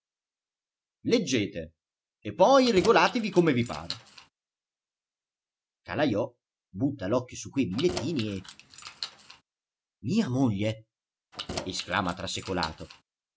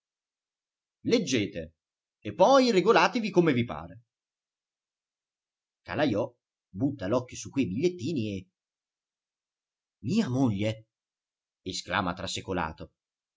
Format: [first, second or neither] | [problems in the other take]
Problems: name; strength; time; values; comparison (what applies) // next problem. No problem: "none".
second | background sound (Keys jangling); 12 dB below the speech